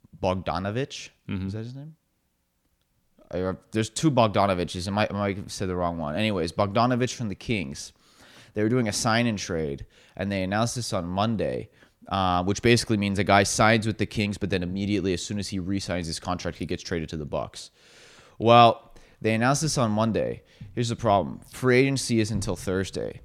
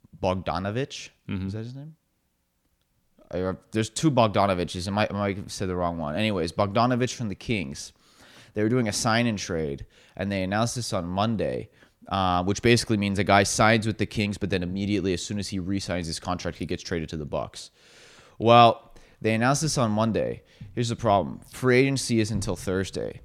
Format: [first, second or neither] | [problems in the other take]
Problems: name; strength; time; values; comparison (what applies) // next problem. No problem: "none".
neither | none